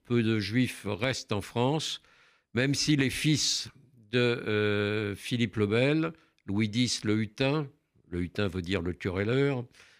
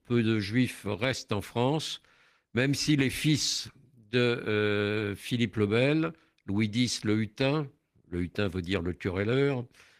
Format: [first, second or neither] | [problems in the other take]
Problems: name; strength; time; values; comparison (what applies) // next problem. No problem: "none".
first | garbled, watery; slightly; nothing above 15 kHz